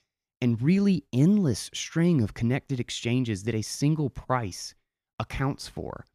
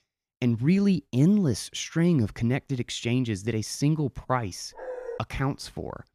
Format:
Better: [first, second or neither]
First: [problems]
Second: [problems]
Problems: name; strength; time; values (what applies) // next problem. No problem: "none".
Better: first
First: none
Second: dog barking; faint; at 4.5 s; peak 10 dB below the speech